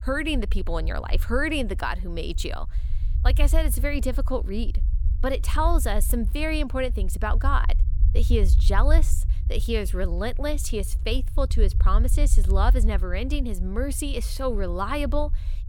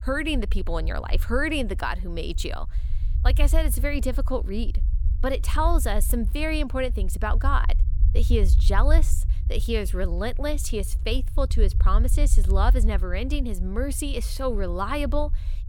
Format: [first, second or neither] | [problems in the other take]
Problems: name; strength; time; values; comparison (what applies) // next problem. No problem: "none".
neither | low rumble; noticeable; throughout; 20 dB below the speech; the same in both